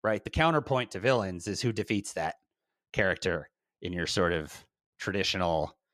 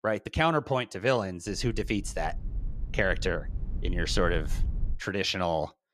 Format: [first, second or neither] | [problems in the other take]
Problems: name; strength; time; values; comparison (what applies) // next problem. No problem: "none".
first | low rumble; faint; from 1.5 to 5 s; 25 dB below the speech